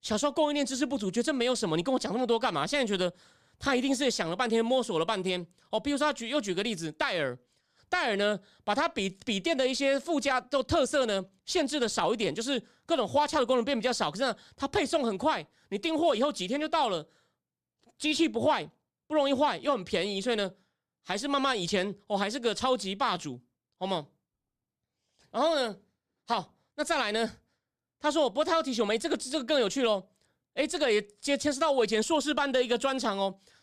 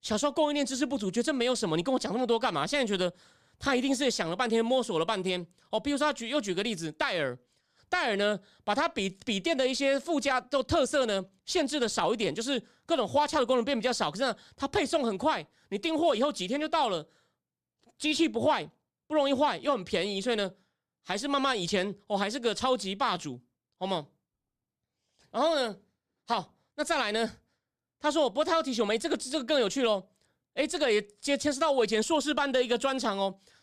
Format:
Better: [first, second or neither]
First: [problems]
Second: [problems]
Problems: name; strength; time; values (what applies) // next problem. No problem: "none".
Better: neither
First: none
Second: none